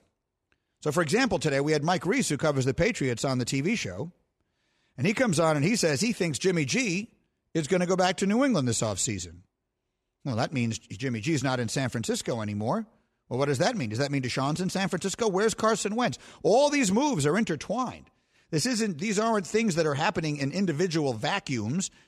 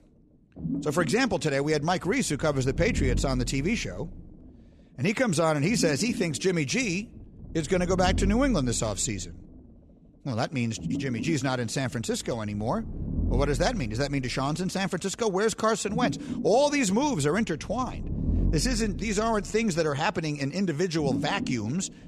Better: first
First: none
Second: low rumble; noticeable; throughout; 15 dB below the speech

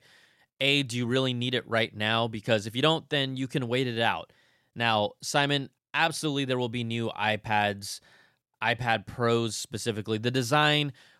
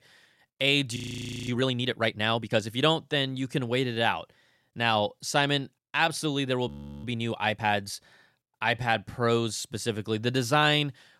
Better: first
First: none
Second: audio freezing; at 1 s for 0.5 s and at 6.5 s

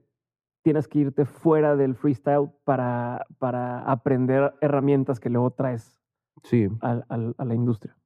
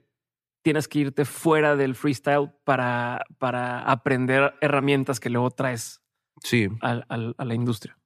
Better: second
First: muffled; very; fading above 1.5 kHz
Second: none

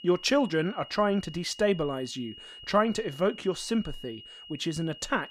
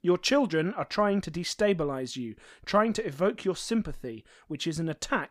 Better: second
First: high-pitched whine; noticeable; throughout; 3 kHz, 15 dB below the speech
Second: none

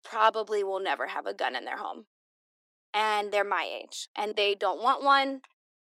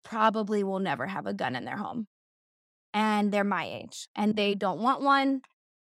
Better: second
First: thin; very; fading below 350 Hz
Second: none

